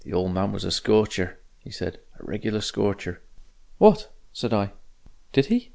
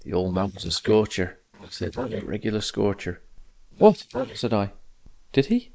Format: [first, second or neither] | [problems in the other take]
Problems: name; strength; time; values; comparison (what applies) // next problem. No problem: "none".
first | noise reduction (neural mask model Resemble Enhance denoiser)